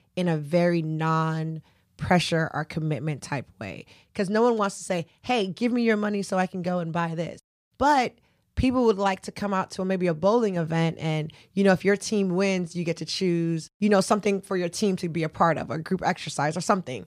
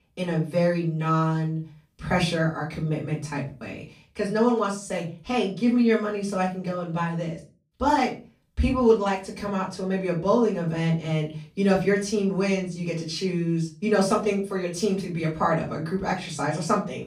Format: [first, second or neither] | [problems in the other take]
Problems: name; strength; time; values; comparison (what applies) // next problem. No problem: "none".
first | room echo; slight; dies away in 0.3 s // off-mic speech; far